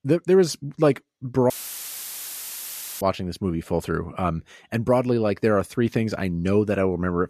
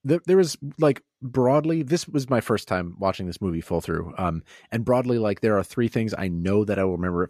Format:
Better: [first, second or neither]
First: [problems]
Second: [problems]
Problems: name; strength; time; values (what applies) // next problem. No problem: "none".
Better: second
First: audio cutting out; filled with static; at 1.5 s for 1.5 s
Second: none